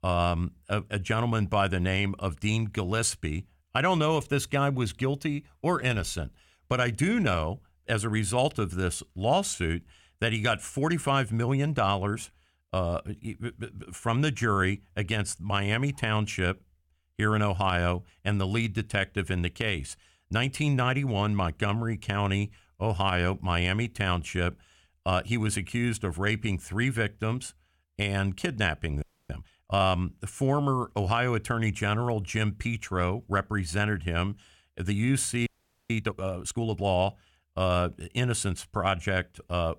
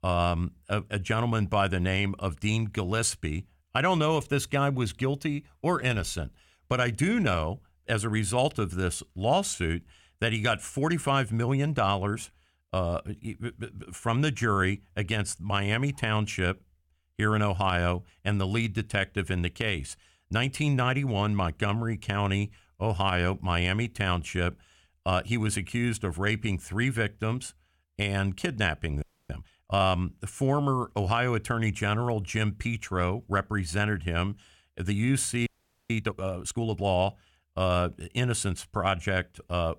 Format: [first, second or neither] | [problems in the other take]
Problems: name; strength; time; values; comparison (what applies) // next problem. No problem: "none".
neither | audio freezing; at 29 s and at 35 s; the same in both